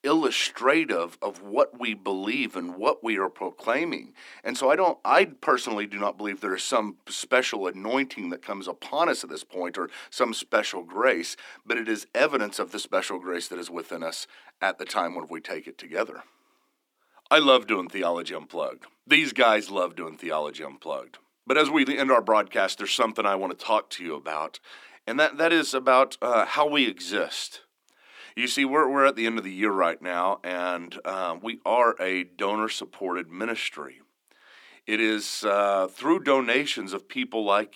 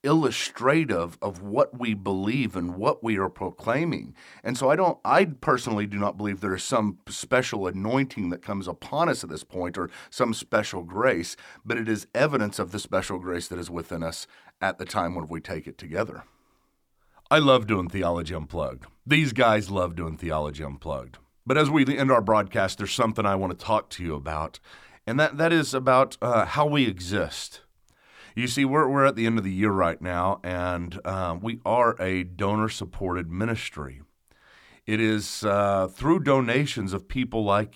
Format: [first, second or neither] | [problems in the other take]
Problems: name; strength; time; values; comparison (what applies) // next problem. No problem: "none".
second | thin; very slightly; fading below 250 Hz